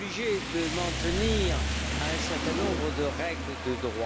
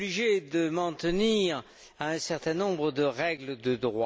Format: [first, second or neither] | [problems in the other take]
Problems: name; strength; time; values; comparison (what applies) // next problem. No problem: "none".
second | background sound (Rain); 1 dB above the speech